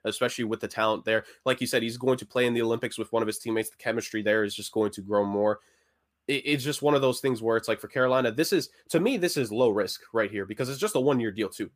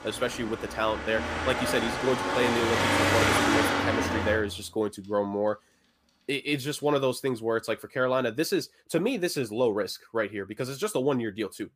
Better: first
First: none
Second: traffic noise; very loud; until 7 s; 2 dB above the speech

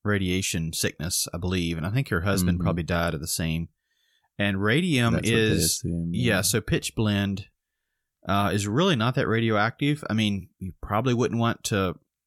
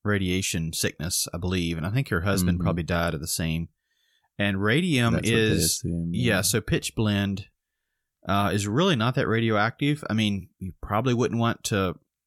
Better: neither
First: none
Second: none

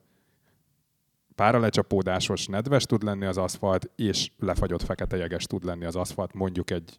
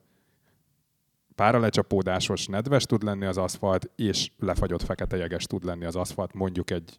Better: neither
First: dog barking; noticeable; at 4.5 s; peak 9 dB below the speech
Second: dog barking; noticeable; at 4.5 s; peak 9 dB below the speech

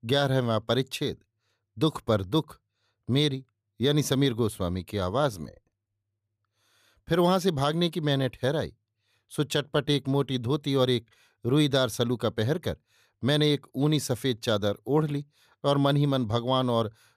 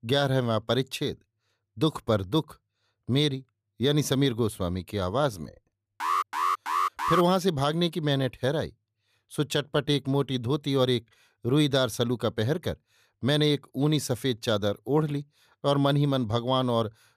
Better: first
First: none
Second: alarm; loud; from 6 to 7 s; peak level with the speech

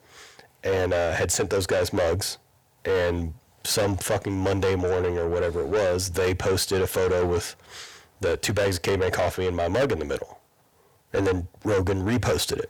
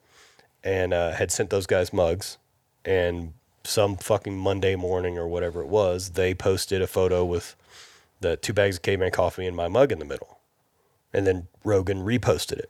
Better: second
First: distortion; heavy; 6 dB below the speech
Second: none

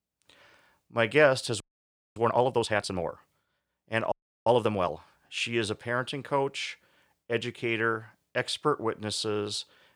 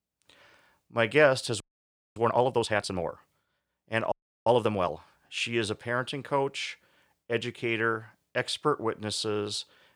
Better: neither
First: audio freezing; at 1.5 s for 0.5 s and at 4 s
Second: audio freezing; at 1.5 s for 0.5 s and at 4 s

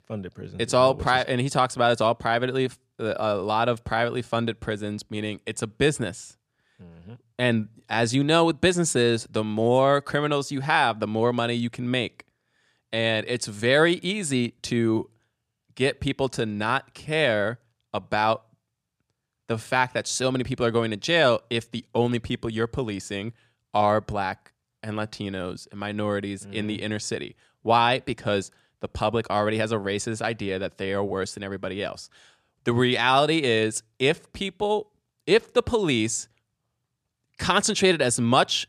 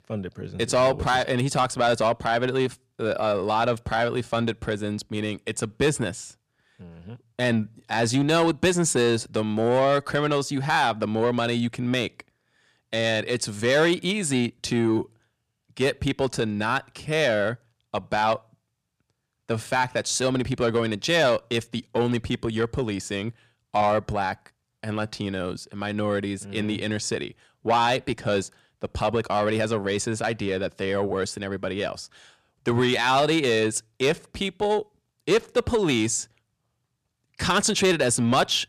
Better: first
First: none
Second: distortion; slight; 10 dB below the speech

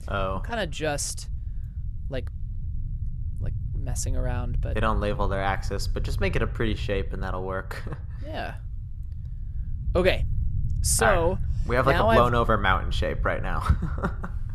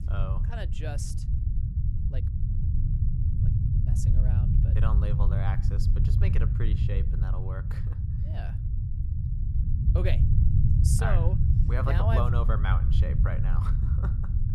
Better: first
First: low rumble; faint; throughout; 25 dB below the speech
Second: low rumble; loud; throughout; 4 dB below the speech

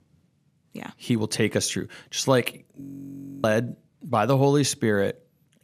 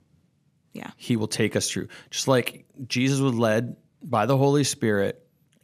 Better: second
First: audio freezing; at 3 s for 0.5 s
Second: none

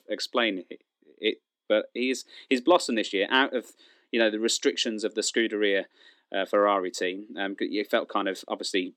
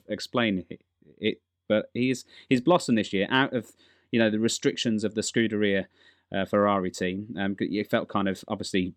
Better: second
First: thin; very slightly; fading below 300 Hz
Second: none

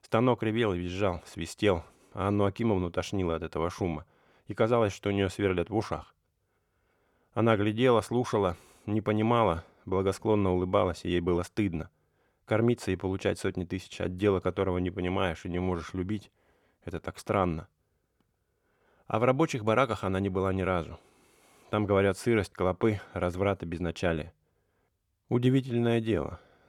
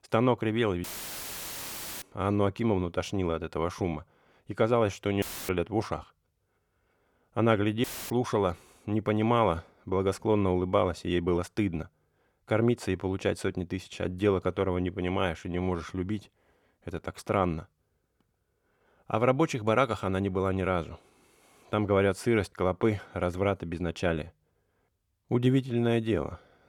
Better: first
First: none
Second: audio cutting out; filled with static; at 1 s for 1 s, at 5 s and at 8 s

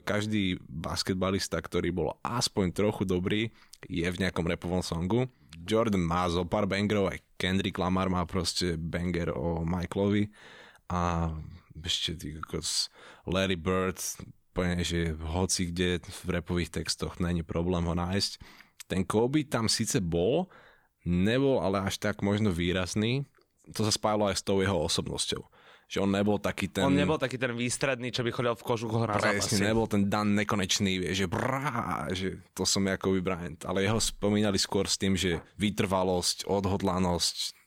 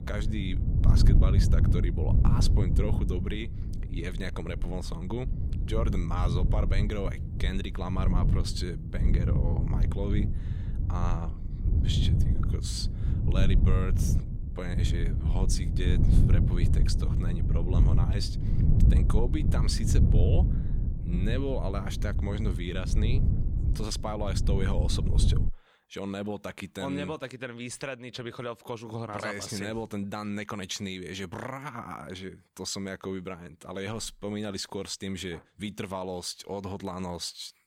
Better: first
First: none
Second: wind noise on the microphone; heavy; until 25 s; 5 dB below the speech

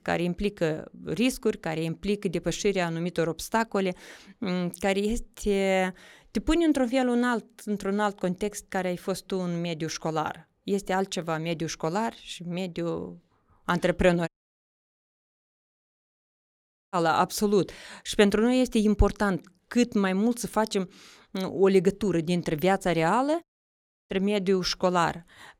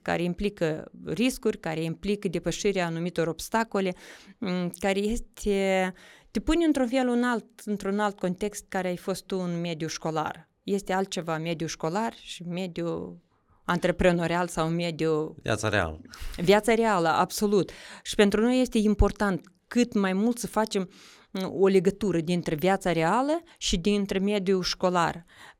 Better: second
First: audio cutting out; at 14 s for 2.5 s and at 23 s for 0.5 s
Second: none

